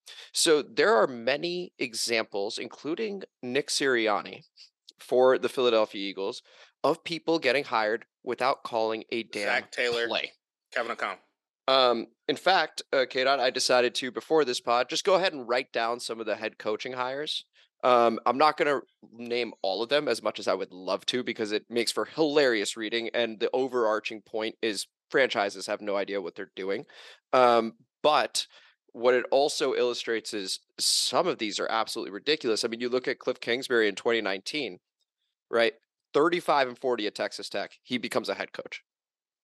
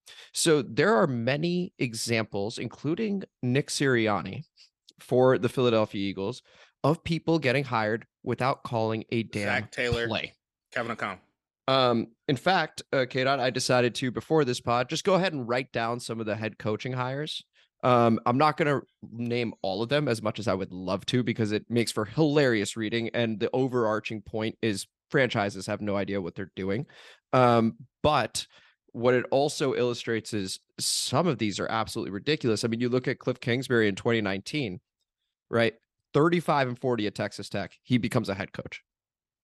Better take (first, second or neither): second